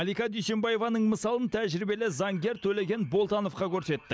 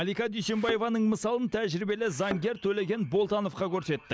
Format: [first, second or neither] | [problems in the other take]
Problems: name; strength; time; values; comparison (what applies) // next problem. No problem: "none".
first | background sound (Thump, thud); 12 dB below the speech